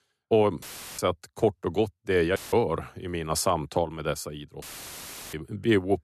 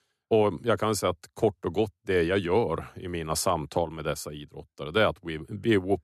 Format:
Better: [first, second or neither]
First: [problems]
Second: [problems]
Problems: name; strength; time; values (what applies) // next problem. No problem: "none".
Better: second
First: audio cutting out; filled with static; at 0.5 s, at 2.5 s and at 4.5 s for 0.5 s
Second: none